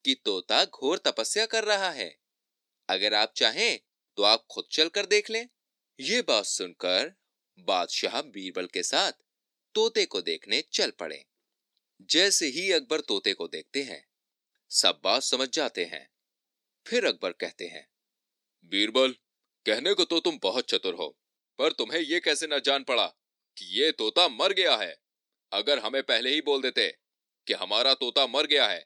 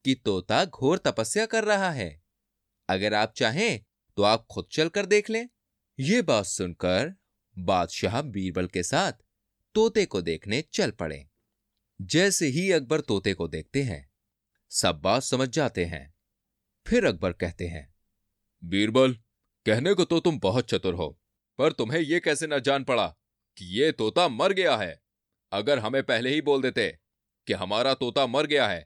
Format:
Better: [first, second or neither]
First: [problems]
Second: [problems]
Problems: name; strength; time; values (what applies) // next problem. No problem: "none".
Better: second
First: thin; somewhat; fading below 300 Hz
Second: none